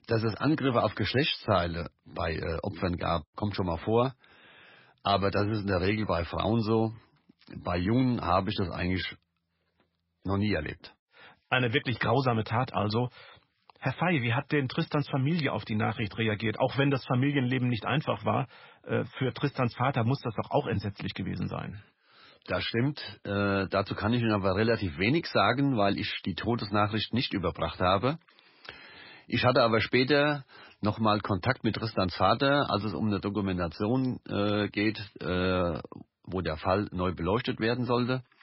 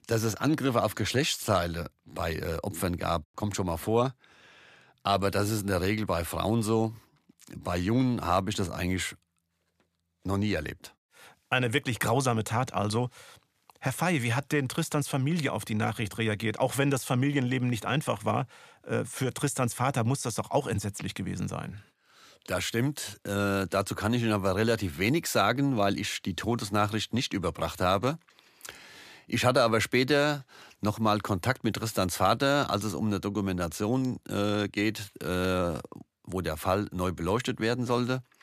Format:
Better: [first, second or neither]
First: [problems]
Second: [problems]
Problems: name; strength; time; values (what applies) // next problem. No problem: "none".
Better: second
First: garbled, watery; badly; nothing above 5.5 kHz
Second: none